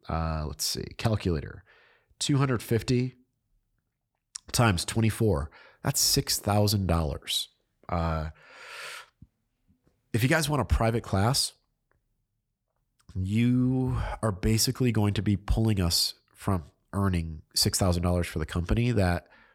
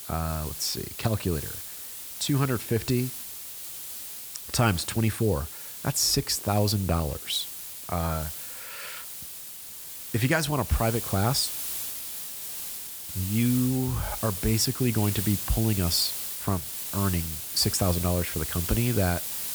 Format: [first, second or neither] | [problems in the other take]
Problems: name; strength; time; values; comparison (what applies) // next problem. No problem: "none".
first | hiss; loud; throughout; 5 dB below the speech